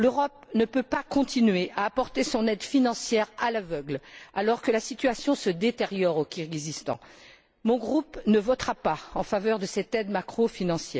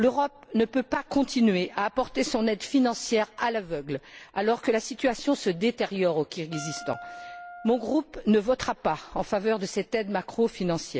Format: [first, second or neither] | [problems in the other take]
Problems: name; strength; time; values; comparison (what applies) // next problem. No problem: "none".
first | background sound (Wind instrument, woodwind instrument); 16 dB below the speech